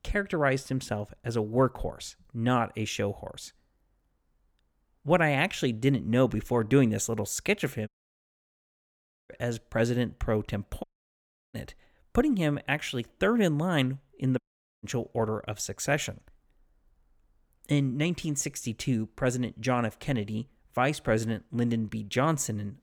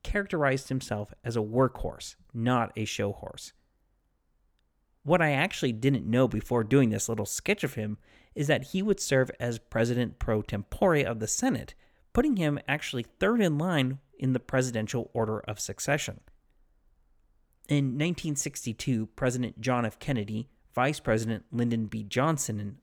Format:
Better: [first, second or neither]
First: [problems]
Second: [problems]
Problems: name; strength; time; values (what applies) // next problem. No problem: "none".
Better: second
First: audio cutting out; at 8 s for 1.5 s, at 11 s for 0.5 s and at 14 s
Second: none